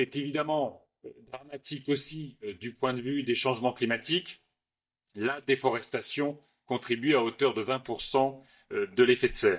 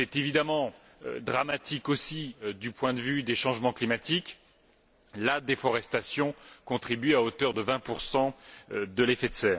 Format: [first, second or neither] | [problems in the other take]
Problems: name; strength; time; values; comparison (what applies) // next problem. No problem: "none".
second | noise reduction (neural mask model DeepFilterNet 3)